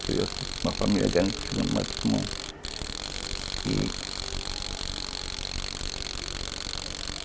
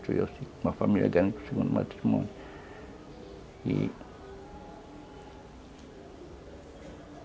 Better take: second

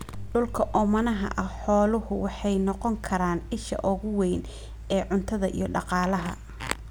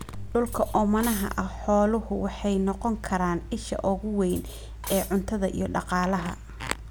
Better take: first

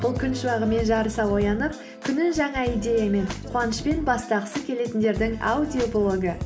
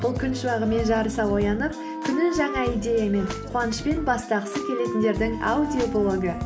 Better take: first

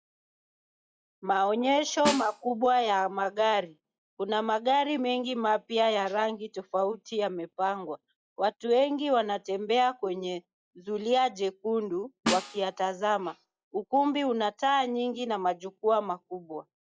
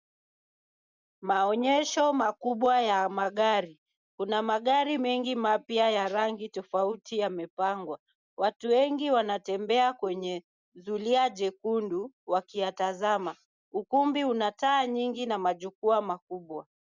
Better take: second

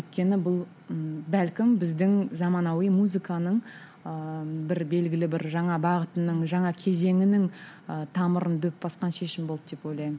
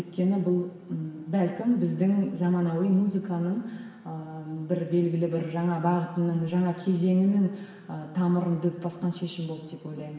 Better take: first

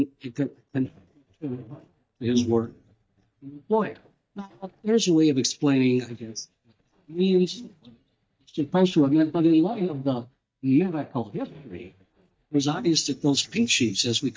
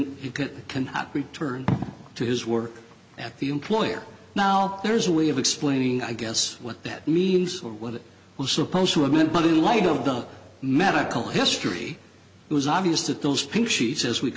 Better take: second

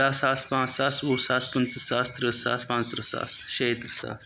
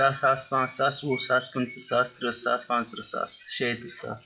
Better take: first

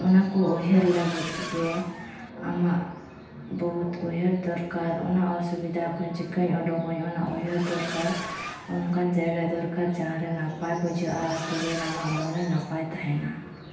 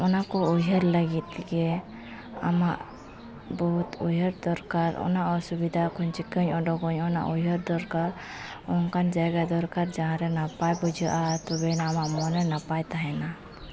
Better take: second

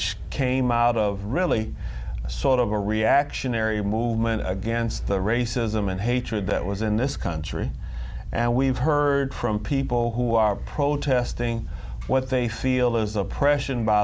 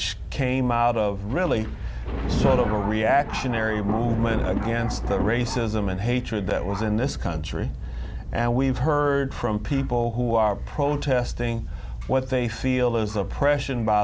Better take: first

